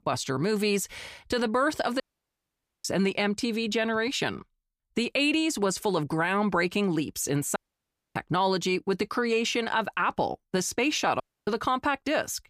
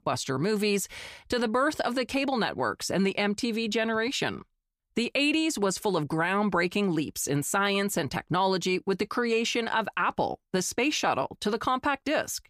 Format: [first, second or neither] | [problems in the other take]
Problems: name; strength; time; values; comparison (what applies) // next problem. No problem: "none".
second | audio cutting out; at 2 s for 1 s, at 7.5 s for 0.5 s and at 11 s